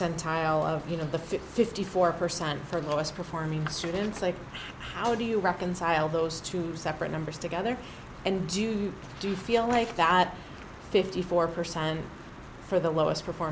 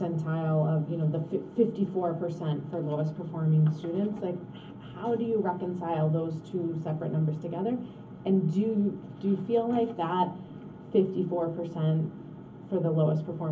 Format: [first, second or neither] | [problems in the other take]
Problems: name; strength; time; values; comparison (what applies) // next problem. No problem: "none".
first | room echo; dies away in 0.3 s